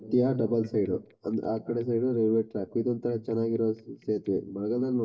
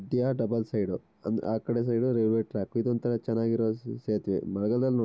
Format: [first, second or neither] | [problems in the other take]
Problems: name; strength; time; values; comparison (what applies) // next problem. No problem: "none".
second | noise reduction (neural mask model DeepFilterNet 3)